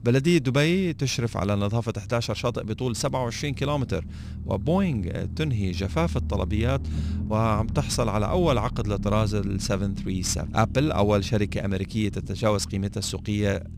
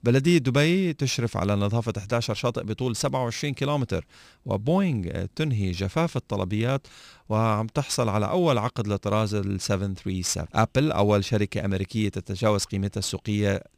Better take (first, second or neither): second